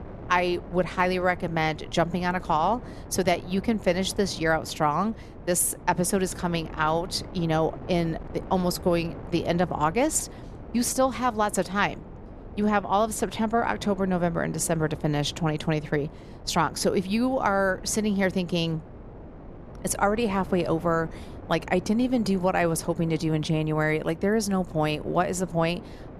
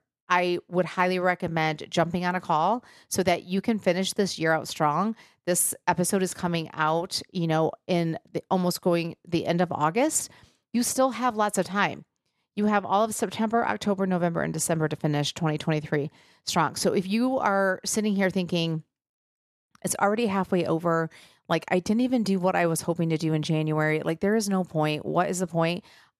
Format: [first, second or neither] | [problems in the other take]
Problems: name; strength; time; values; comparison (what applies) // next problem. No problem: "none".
second | wind noise on the microphone; occasional gusts; 20 dB below the speech